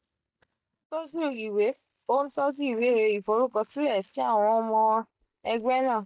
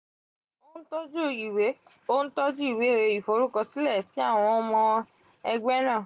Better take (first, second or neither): second